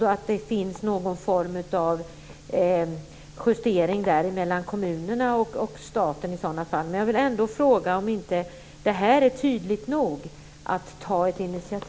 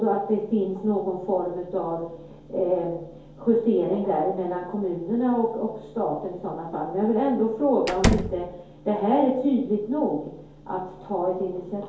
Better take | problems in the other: first | background sound (Slam); as loud as the speech // room echo; dies away in 2.4 s

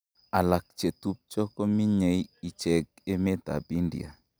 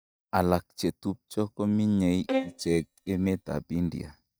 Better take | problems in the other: first | noise reduction (neural mask model DeepFilterNet 3)

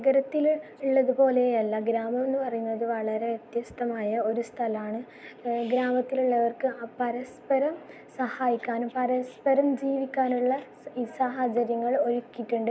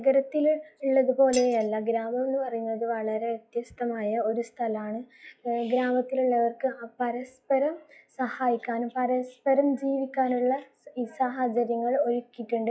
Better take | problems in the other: first | noise reduction (classical method log-MMSE)

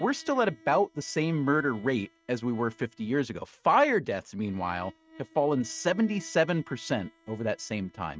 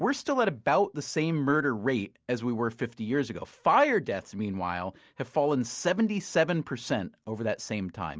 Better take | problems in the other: second | noise reduction (neural mask model RNNoise)

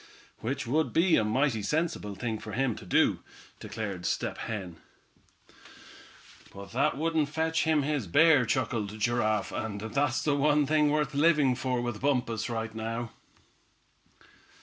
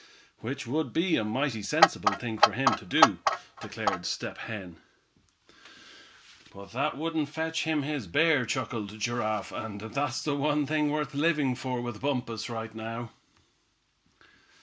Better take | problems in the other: first | background sound (Clock); 5 dB above the speech

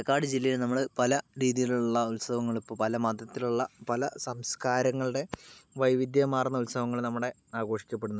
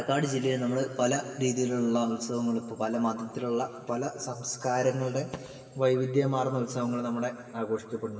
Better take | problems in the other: first | room echo; dies away in 2.8 s

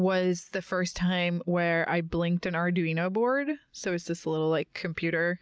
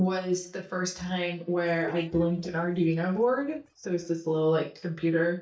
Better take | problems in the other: first | noise reduction (neural mask model DeepFilterNet 3)

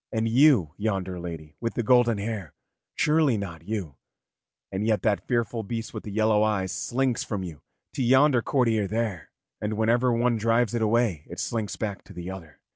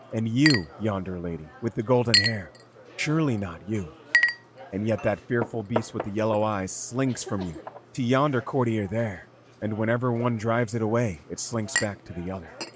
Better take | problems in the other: first | background sound (Chink, clink); 6 dB below the speech

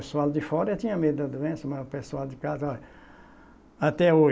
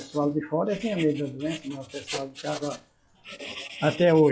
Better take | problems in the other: first | noise reduction (classical method log-MMSE)

